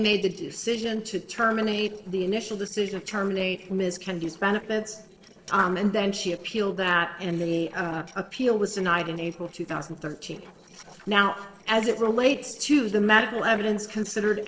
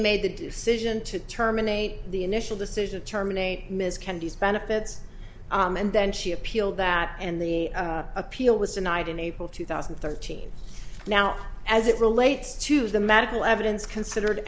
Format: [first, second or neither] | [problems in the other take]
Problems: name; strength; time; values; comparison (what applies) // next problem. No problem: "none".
second | noise reduction (neural separator model SepFormer DNS4)